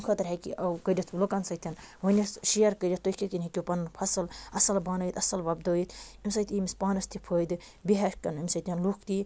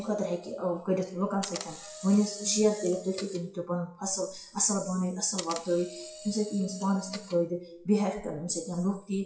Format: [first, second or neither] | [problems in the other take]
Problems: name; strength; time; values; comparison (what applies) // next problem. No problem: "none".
first | noise reduction (classical method WPE with log-MMSE)